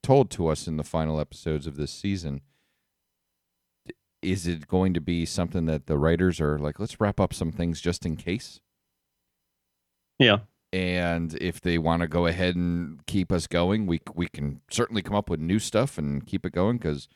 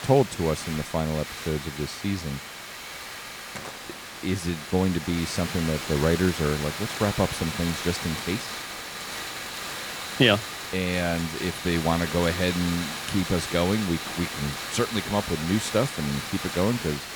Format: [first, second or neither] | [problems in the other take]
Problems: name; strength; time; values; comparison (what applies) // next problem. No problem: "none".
first | hiss; loud; throughout; 6 dB below the speech